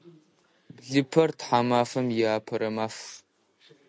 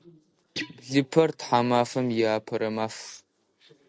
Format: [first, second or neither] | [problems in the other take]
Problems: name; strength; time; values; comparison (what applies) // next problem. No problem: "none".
first | noise reduction (neural separator model SepFormer DNS4)